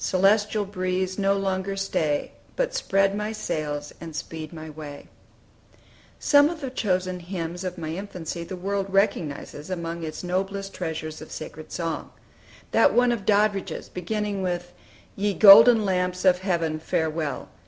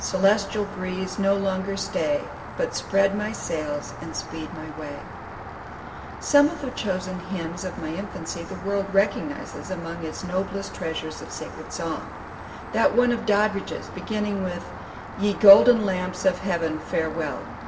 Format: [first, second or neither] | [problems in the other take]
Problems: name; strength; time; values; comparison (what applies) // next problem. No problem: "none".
first | background sound (Rain); 12 dB below the speech // room echo; dies away in 1.7 s